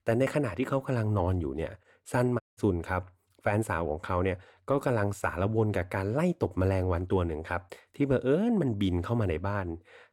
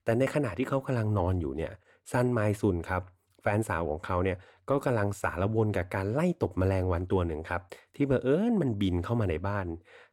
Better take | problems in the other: second | audio cutting out; at 2.5 s

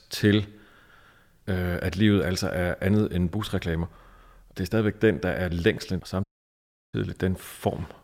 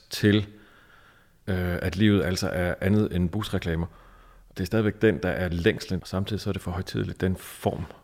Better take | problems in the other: second | audio cutting out; at 6 s for 0.5 s

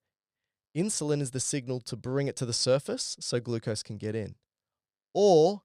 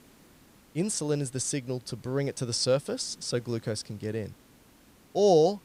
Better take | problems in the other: first | hiss; faint; throughout; 30 dB below the speech

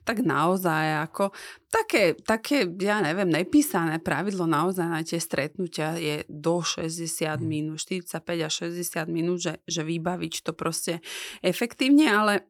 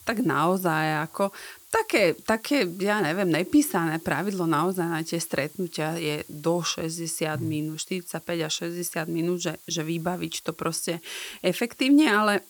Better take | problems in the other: first | hiss; faint; throughout; 20 dB below the speech

